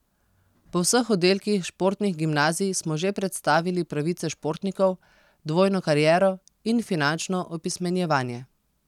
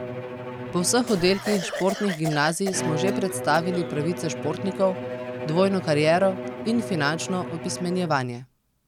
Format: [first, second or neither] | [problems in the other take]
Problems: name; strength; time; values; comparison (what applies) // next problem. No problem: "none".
first | background sound (Cough + Bowed string instrument); 7 dB below the speech